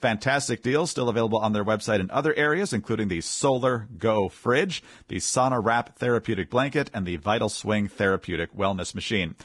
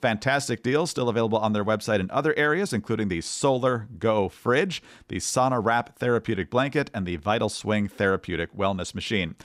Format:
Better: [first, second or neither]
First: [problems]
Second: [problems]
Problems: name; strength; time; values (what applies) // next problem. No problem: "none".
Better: second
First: garbled, watery; badly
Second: none